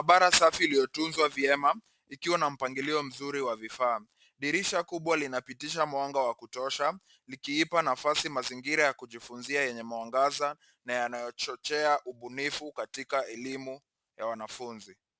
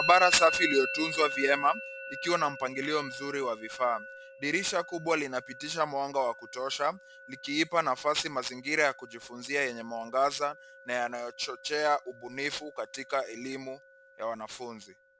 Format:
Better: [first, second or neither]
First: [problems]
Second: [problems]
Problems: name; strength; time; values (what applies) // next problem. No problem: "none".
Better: first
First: none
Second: background sound (Musical instrument); 10 dB below the speech